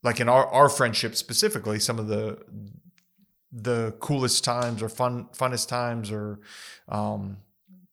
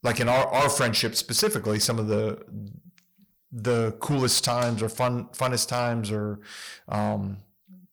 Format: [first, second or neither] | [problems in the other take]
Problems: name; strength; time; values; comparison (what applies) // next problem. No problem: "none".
first | distortion; heavy; 7% of the sound clipped